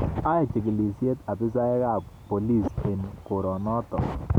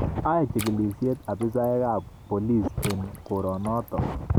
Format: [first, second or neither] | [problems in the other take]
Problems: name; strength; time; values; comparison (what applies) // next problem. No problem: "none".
first | background sound (Water / Splash, splatter); 18 dB below the speech